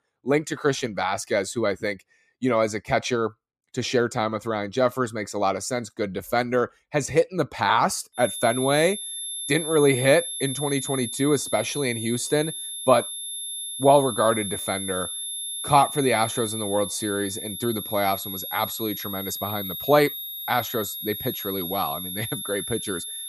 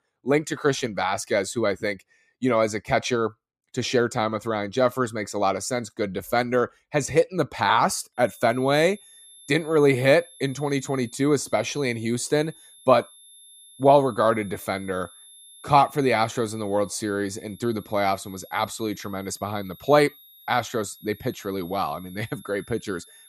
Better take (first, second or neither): second